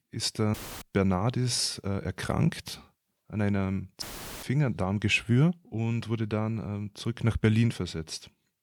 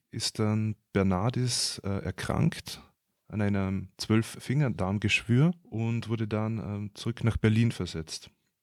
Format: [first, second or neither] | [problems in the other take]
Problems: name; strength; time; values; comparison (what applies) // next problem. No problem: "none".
second | audio cutting out; filled with static; at 0.5 s and at 4 s